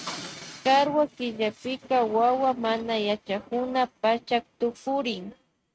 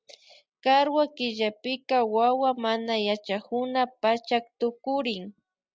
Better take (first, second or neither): second